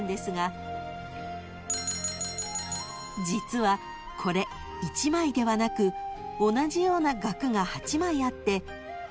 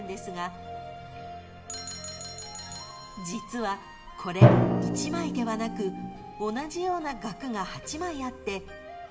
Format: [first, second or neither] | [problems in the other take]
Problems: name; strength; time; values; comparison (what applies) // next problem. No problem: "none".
first | background sound (Drum); 4 dB above the speech // room echo; dies away in 1 s